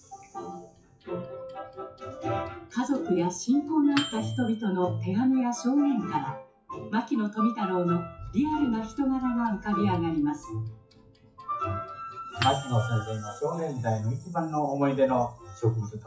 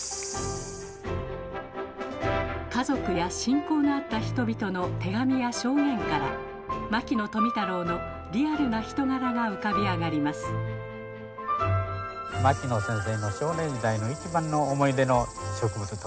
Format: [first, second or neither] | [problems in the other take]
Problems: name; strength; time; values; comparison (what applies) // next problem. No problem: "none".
second | noise reduction (classical method WPE with log-MMSE)